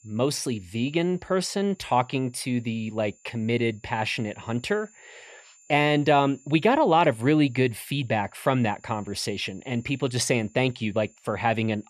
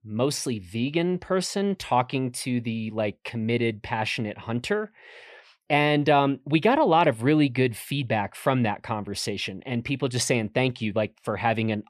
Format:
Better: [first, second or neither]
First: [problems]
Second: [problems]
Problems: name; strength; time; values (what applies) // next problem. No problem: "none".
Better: second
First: high-pitched whine; faint; throughout; 7 kHz, 30 dB below the speech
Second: none